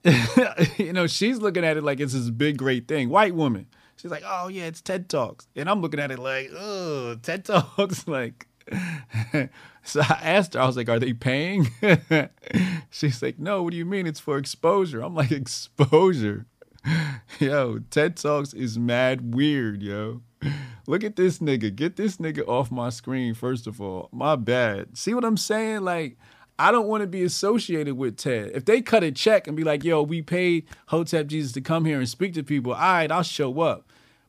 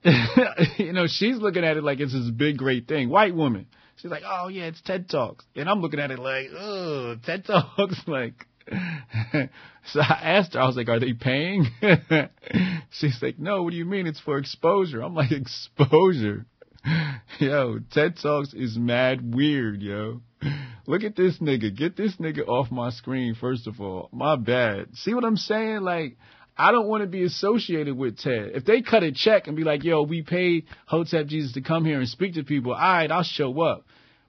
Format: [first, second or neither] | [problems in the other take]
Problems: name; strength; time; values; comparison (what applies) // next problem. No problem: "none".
first | garbled, watery; badly; nothing above 5.5 kHz